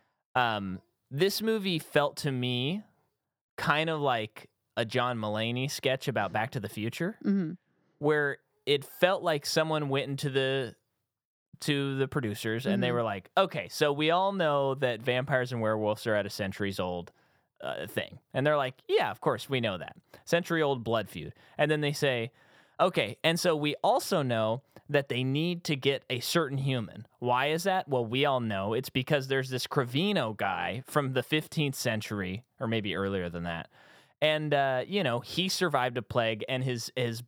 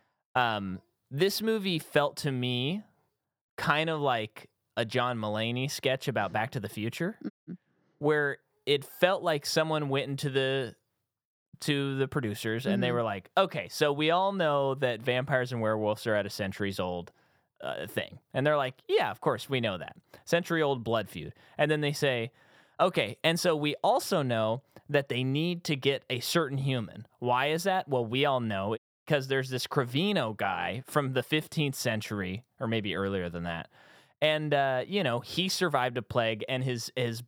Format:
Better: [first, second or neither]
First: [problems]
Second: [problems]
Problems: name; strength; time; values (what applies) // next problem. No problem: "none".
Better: first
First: none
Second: audio cutting out; at 7.5 s and at 29 s